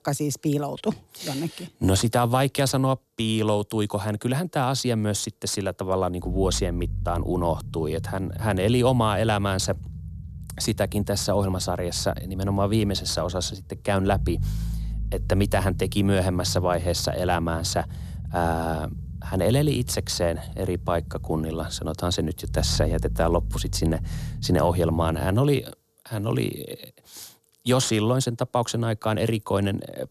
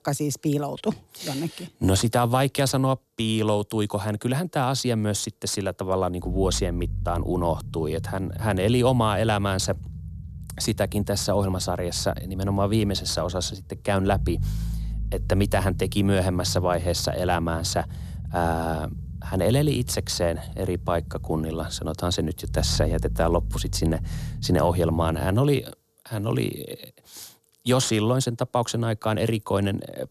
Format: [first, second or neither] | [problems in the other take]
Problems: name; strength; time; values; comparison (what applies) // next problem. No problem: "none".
neither | low rumble; faint; from 6.5 to 25 s; 20 dB below the speech; the same in both